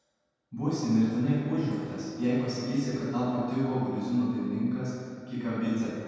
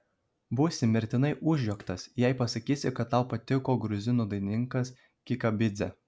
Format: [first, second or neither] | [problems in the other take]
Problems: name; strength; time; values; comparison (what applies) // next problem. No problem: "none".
second | room echo; dies away in 2 s